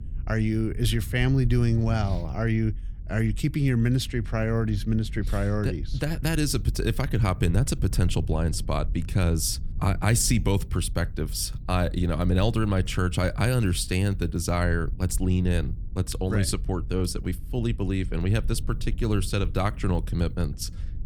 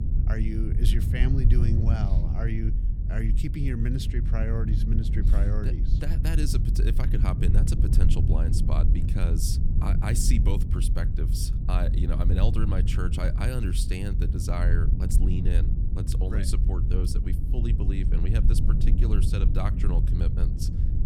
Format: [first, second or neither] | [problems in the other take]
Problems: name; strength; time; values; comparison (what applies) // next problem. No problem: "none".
first | low rumble; loud; throughout; 4 dB below the speech; faint in the first